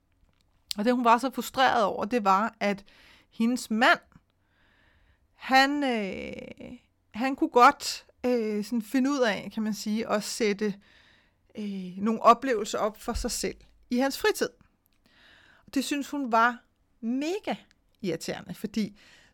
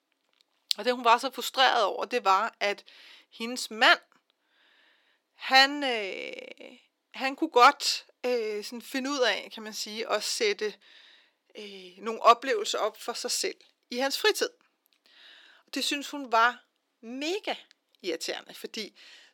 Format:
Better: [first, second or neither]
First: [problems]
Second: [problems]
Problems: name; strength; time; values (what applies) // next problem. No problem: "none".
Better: first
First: none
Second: thin; somewhat; fading below 350 Hz